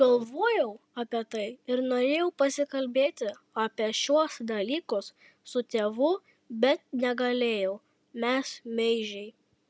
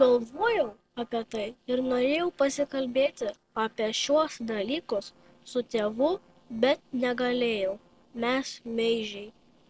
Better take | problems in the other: first | noise reduction (neural separator model SepFormer DNS4)

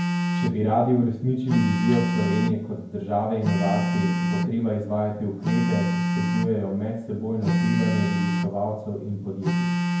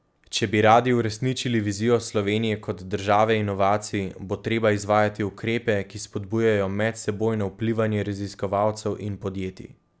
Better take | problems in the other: second | background sound (Telephone); as loud as the speech // room echo; dies away in 0.9 s

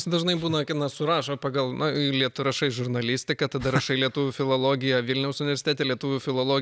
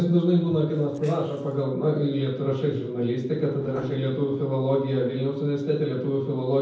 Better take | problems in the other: first | noise reduction (neural separator model SepFormer DNS4)

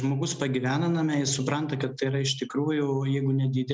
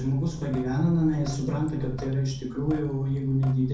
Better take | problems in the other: first | background sound (Drip / Sink (filling or washing)); 15 dB below the speech // room echo; dies away in 0.6 s

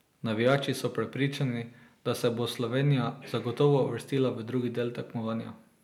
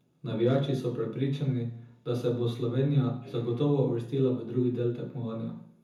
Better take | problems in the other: first | room echo; dies away in 0.5 s

